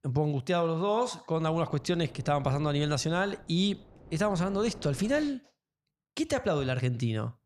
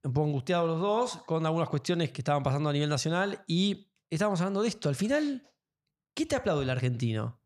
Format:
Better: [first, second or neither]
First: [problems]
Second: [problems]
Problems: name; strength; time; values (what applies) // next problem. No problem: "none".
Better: second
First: wind noise on the microphone; occasional gusts; from 1.5 to 5.5 s; 20 dB below the speech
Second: none